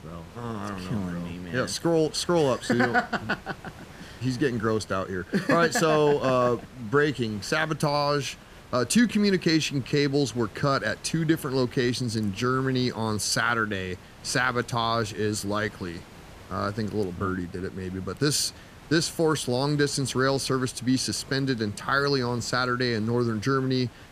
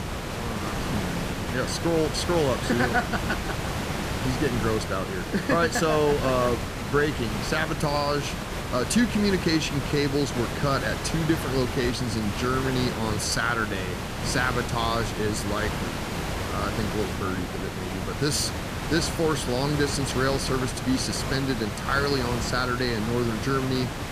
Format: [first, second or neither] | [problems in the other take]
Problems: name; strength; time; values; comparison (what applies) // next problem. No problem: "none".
first | hiss; loud; throughout; 4 dB below the speech; faint in the first